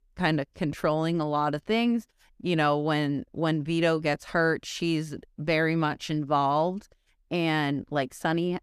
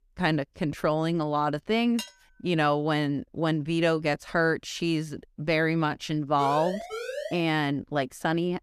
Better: first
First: none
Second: clattering dishes; faint; at 2 s; peak 10 dB below the speech // siren; noticeable; from 6.5 to 7.5 s; peak 7 dB below the speech

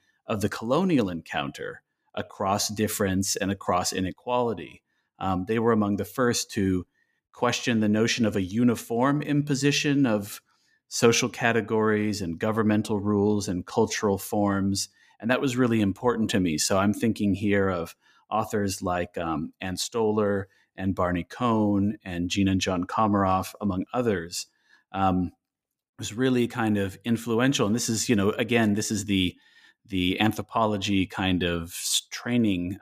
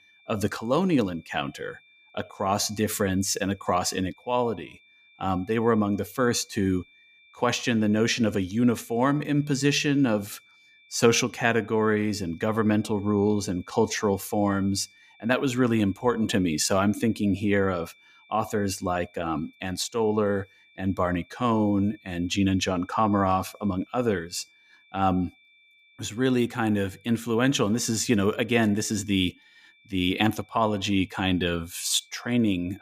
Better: first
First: none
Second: high-pitched whine; faint; throughout; 2.5 kHz, 30 dB below the speech

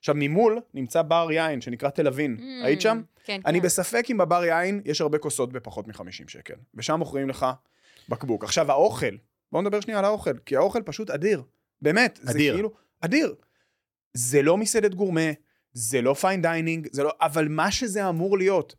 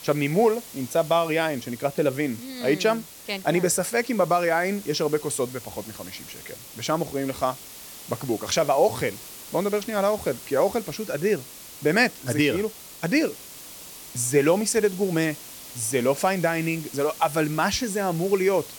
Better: first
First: none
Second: hiss; noticeable; throughout; 15 dB below the speech

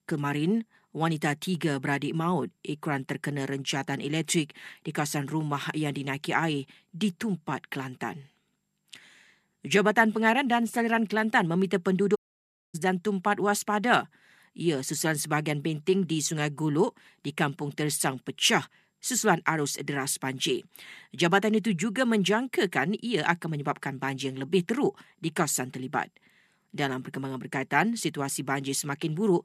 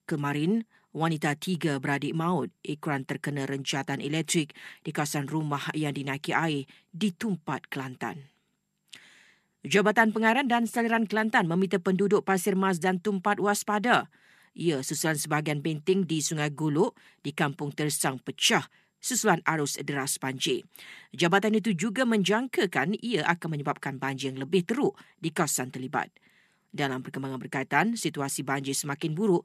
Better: second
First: audio cutting out; at 12 s for 0.5 s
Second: none

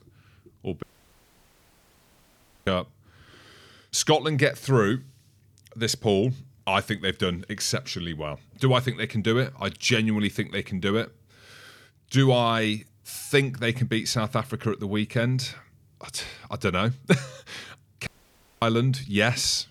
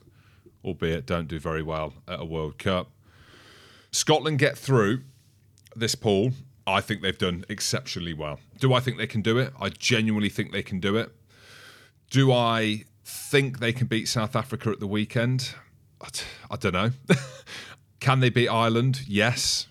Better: second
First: audio cutting out; at 1 s for 2 s and at 18 s for 0.5 s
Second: none

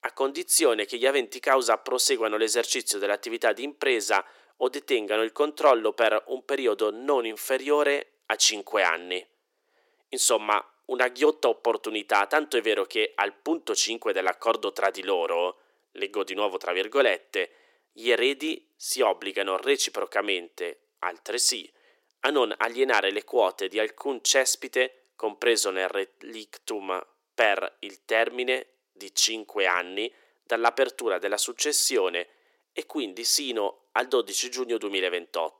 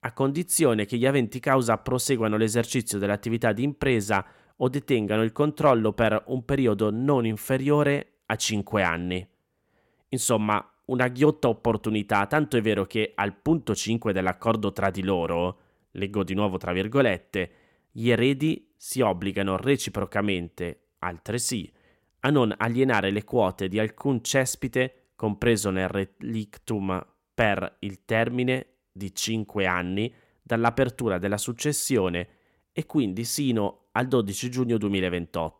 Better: second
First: thin; very; fading below 350 Hz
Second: none

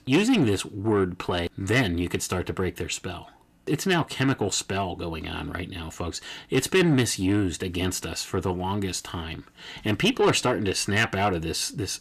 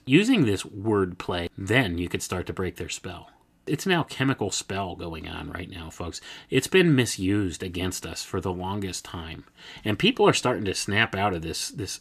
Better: second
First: distortion; slight; 10 dB below the speech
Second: none

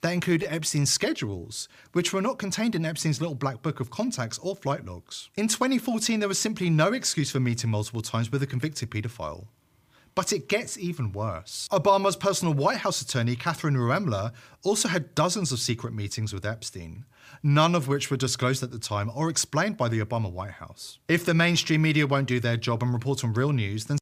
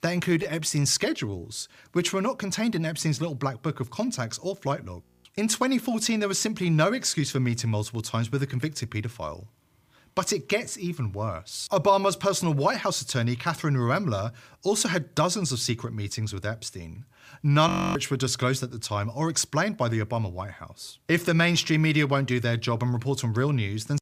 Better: first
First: none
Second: audio freezing; at 5 s and at 18 s

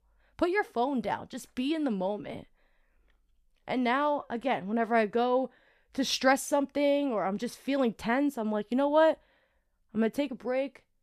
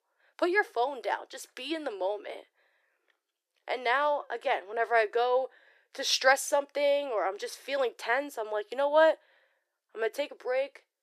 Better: first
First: none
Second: thin; very; fading below 350 Hz

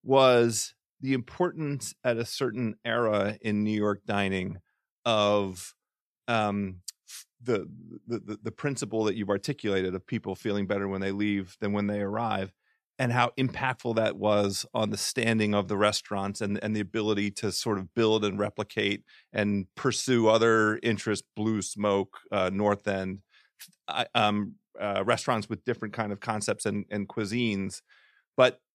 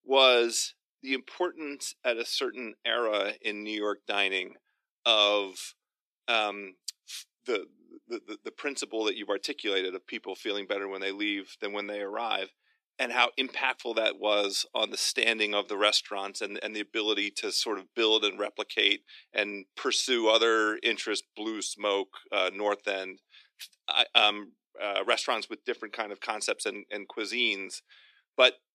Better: first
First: none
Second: thin; somewhat; fading below 300 Hz

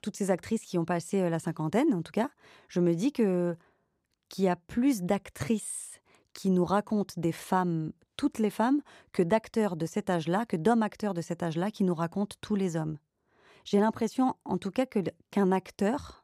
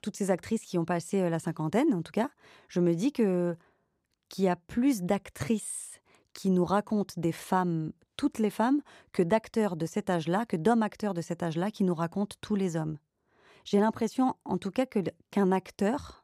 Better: neither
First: none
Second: none

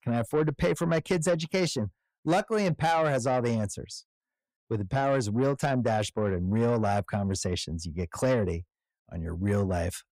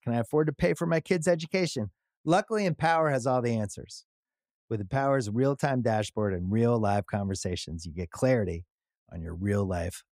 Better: second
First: distortion; slight; 10 dB below the speech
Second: none

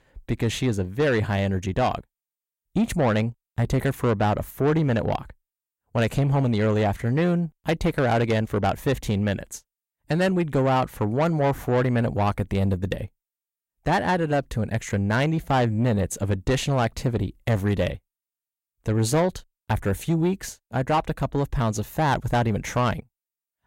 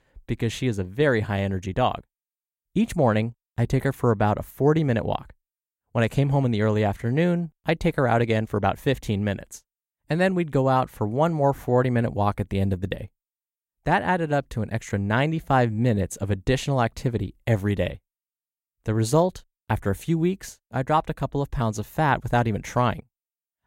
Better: second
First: distortion; slight; 10 dB below the speech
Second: none

